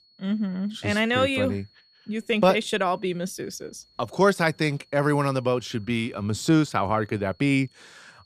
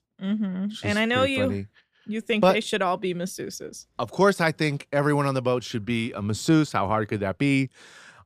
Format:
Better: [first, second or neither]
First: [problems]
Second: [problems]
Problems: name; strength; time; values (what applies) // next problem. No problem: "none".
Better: second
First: high-pitched whine; faint; throughout; 4.5 kHz, 35 dB below the speech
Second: none